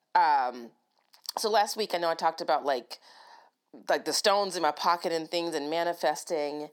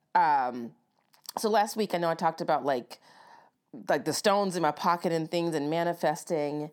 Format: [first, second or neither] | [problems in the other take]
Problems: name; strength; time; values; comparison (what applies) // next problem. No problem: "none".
second | thin; somewhat; fading below 350 Hz